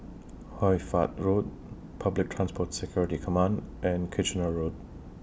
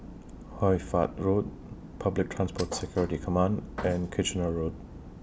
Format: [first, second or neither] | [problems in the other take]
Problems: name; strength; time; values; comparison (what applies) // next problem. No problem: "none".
first | background sound (Thump, thud); 13 dB below the speech